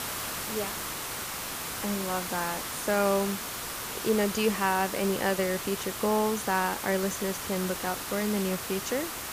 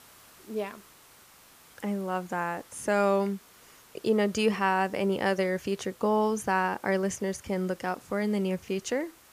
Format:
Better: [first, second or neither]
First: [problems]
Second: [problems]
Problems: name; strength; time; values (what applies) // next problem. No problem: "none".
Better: second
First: hiss; loud; throughout; 4 dB below the speech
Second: hiss; faint; throughout; 25 dB below the speech